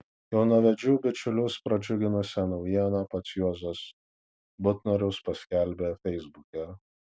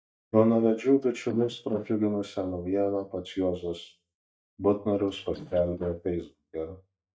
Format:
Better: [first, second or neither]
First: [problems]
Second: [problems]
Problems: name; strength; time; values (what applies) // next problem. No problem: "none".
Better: first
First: none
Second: noise reduction (neural mask model DeepFilterNet 3)